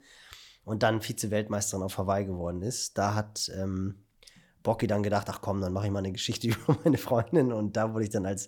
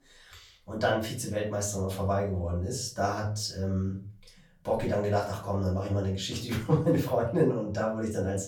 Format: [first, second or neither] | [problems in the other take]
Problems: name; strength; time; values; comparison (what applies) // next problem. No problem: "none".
first | off-mic speech; far // room echo; slight; dies away in 0.3 s